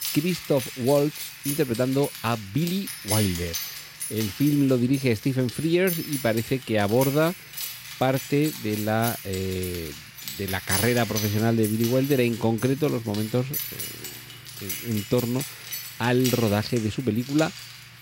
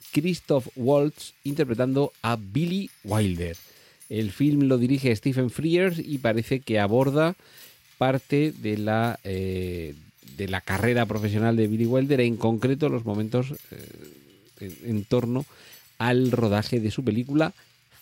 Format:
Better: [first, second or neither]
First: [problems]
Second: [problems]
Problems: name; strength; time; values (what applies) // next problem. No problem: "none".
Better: second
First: household noises; loud; throughout; 8 dB below the speech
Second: household noises; faint; throughout; 25 dB below the speech